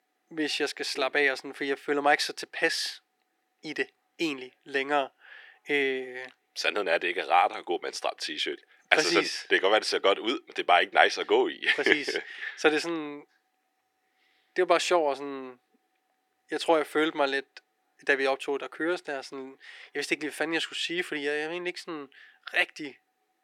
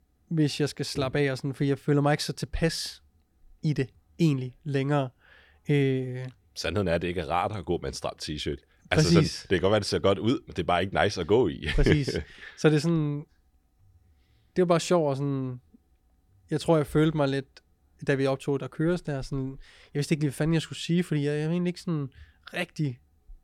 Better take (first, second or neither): second